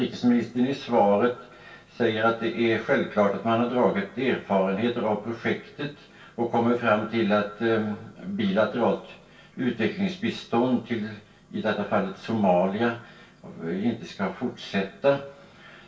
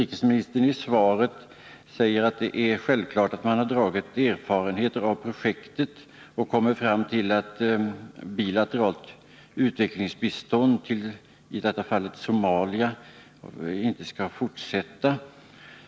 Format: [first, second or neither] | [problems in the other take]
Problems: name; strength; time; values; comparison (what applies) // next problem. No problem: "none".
second | room echo; dies away in 0.2 s